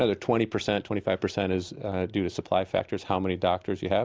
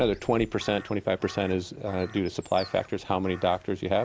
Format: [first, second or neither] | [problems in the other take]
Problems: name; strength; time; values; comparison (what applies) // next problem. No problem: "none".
first | background sound (Crow); 19 dB below the speech